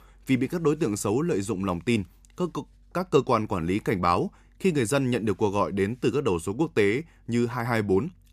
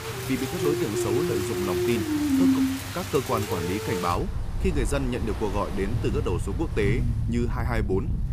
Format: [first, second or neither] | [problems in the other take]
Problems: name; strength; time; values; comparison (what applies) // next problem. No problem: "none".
first | rain or running water; very loud; throughout; 1 dB above the speech